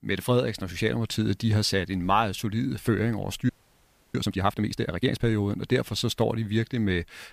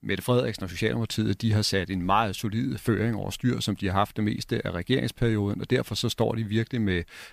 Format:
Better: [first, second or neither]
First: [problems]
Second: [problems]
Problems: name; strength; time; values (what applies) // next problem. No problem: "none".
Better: second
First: audio freezing; at 3.5 s for 0.5 s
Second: none